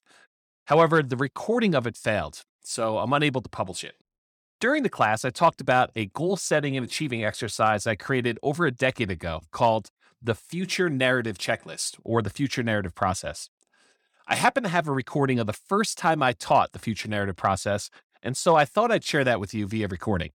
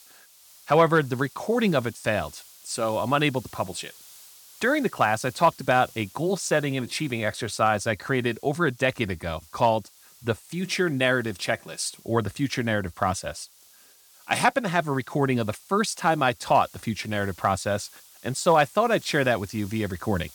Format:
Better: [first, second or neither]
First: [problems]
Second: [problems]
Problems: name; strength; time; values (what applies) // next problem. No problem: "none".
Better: first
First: none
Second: hiss; faint; throughout; 25 dB below the speech